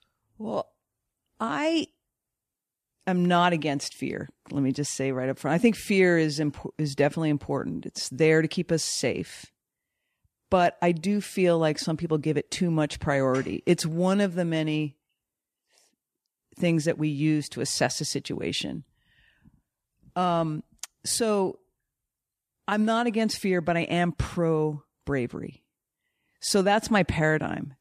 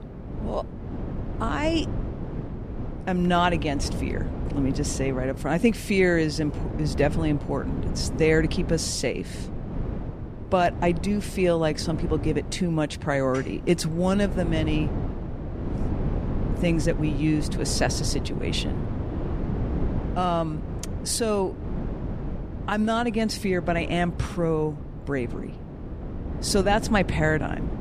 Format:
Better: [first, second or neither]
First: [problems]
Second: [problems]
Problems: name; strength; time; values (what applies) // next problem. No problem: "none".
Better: first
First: none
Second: wind noise on the microphone; occasional gusts; 10 dB below the speech